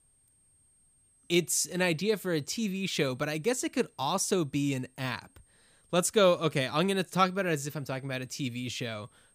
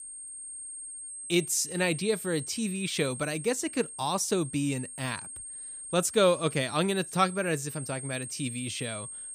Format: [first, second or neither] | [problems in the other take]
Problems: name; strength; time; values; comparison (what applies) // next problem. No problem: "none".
first | high-pitched whine; loud; throughout; 8.5 kHz, 9 dB below the speech; faint in the first